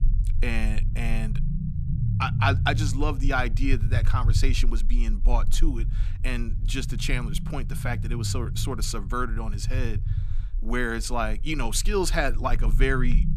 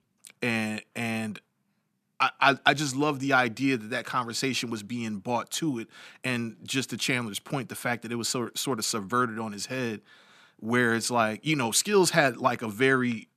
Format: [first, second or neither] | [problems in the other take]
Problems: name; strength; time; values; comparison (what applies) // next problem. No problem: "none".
second | low rumble; noticeable; throughout; 15 dB below the speech